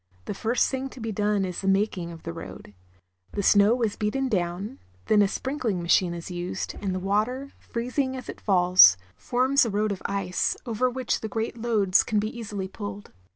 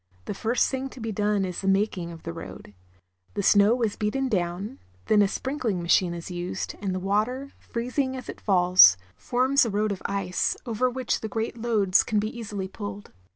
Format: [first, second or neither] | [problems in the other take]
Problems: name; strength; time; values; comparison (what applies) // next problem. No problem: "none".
second | background sound (Boom); 19 dB below the speech